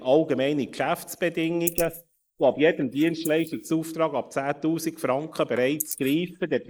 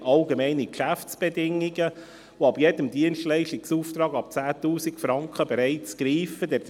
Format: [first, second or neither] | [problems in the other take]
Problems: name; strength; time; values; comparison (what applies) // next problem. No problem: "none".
second | noise reduction (neural mask model Resemble Enhance denoiser)